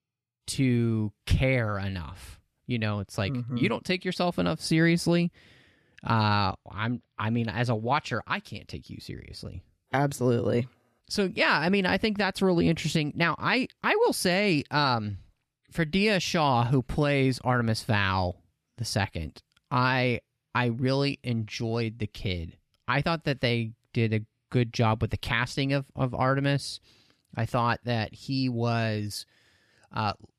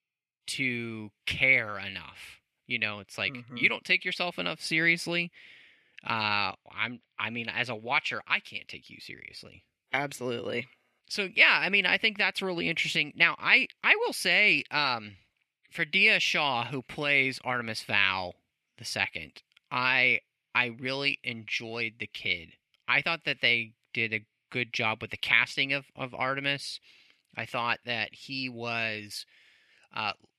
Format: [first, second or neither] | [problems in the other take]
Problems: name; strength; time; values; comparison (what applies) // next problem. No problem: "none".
first | thin; somewhat; fading below 400 Hz